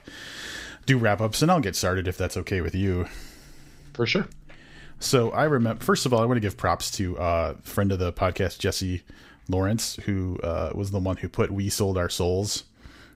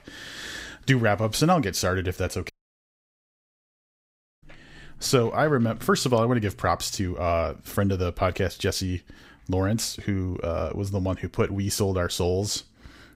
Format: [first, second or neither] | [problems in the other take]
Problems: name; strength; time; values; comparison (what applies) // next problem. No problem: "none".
first | audio cutting out; at 2.5 s for 2 s